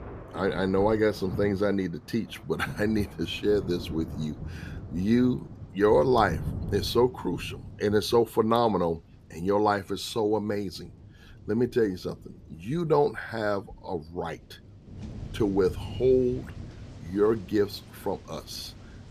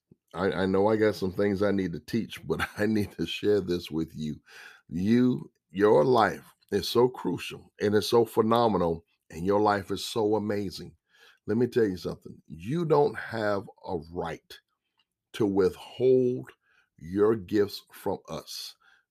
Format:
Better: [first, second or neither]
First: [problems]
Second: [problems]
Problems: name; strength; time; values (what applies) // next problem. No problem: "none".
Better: second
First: rain or running water; noticeable; throughout; 15 dB below the speech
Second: none